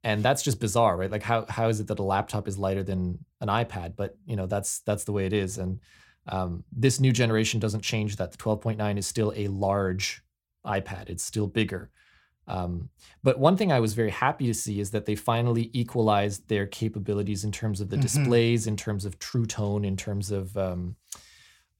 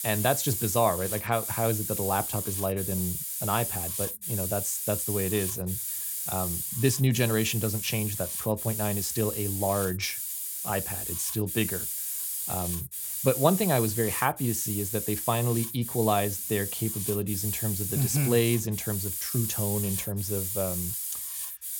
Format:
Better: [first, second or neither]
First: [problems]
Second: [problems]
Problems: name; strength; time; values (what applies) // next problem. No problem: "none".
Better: first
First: none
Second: hiss; loud; throughout; 2 dB below the speech